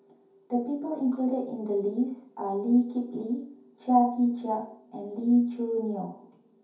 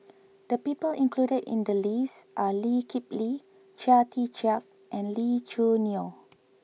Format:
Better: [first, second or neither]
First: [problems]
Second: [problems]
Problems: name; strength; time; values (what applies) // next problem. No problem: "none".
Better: second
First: room echo; dies away in 0.6 s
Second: none